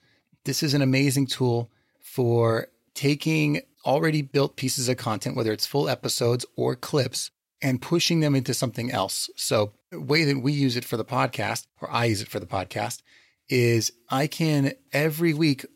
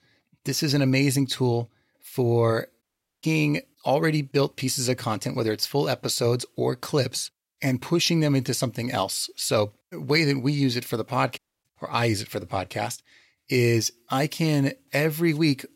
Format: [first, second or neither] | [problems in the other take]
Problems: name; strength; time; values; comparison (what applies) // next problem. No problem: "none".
first | audio cutting out; at 3 s and at 11 s